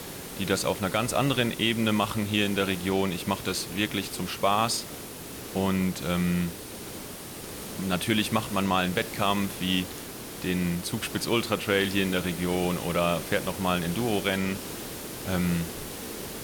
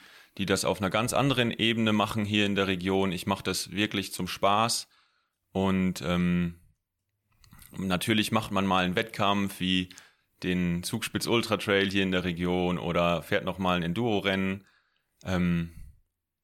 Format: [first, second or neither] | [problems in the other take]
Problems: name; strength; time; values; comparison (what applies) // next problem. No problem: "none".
second | hiss; loud; throughout; 10 dB below the speech